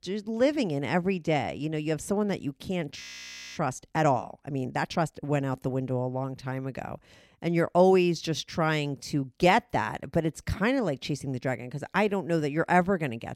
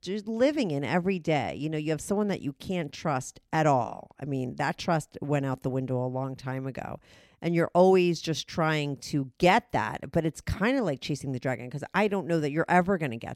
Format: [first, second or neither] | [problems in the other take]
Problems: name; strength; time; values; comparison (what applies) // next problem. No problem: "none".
second | audio freezing; at 3 s for 0.5 s